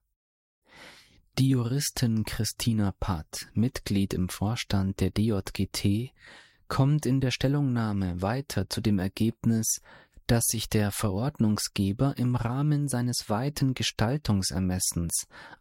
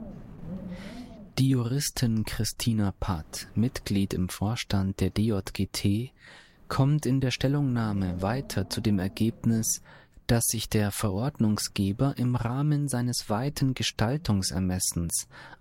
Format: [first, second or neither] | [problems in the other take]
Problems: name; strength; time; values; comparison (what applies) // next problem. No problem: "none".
first | wind noise on the microphone; occasional gusts; 20 dB below the speech